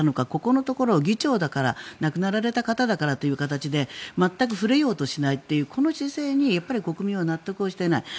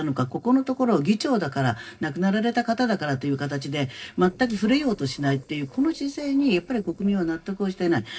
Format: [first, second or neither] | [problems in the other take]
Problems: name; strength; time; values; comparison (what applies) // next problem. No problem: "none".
first | noise reduction (neural separator model SepFormer DNS4)